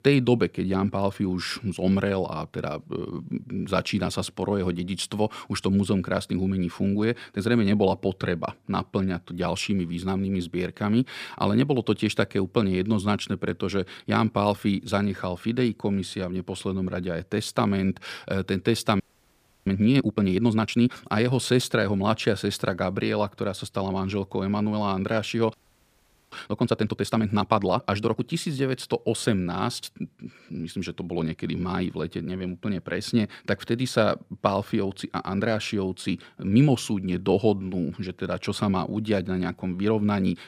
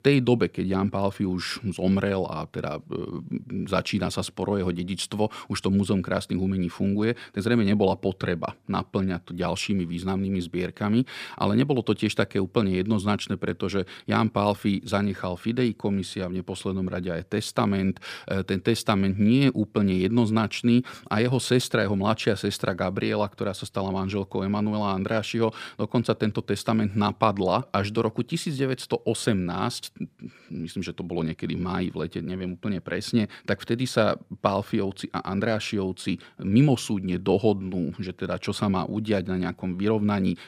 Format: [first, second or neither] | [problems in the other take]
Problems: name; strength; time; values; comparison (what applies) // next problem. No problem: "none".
second | audio freezing; at 19 s for 0.5 s and at 26 s for 1 s